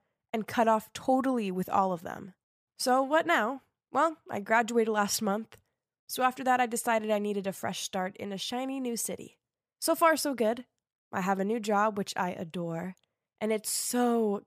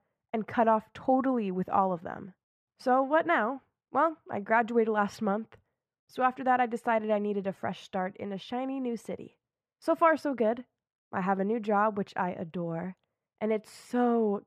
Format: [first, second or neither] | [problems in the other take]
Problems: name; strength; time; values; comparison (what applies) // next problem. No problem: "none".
first | muffled; very; fading above 4 kHz